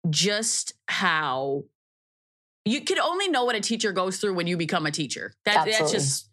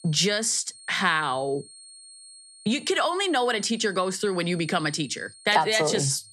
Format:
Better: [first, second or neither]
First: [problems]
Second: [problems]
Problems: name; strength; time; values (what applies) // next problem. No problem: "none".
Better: first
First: none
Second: high-pitched whine; faint; throughout; 8.5 kHz, 20 dB below the speech